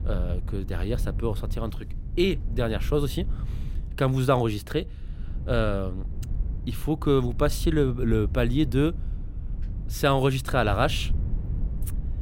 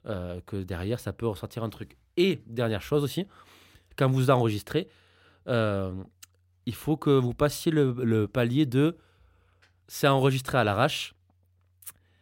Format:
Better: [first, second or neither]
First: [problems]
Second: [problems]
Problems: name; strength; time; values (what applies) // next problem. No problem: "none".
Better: second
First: low rumble; faint; throughout; 20 dB below the speech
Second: none